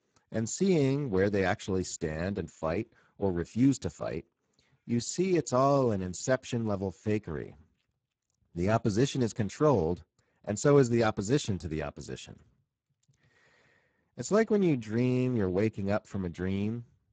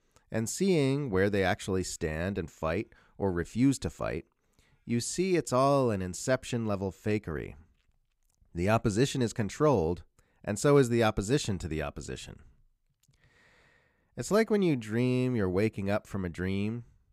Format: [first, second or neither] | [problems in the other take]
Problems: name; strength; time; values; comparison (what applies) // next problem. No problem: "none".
second | garbled, watery; badly; nothing above 7.5 kHz